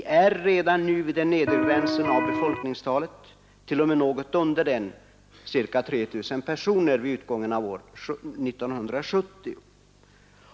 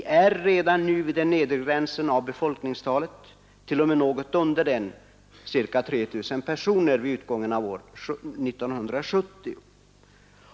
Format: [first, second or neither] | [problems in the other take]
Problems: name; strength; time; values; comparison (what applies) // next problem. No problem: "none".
second | background sound (Electric guitar); 1 dB above the speech